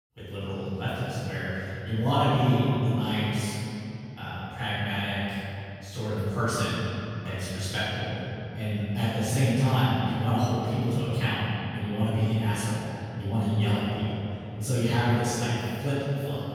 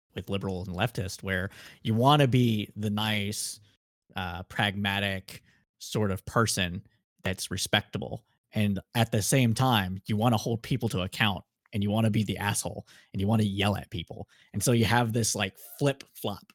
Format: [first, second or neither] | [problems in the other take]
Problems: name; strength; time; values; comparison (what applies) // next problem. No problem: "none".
second | off-mic speech; far // room echo; strong; dies away in 3 s